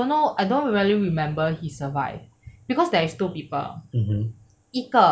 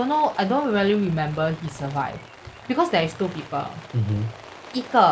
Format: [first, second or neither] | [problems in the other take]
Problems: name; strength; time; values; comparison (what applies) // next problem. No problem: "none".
first | background sound (Rain); 19 dB below the speech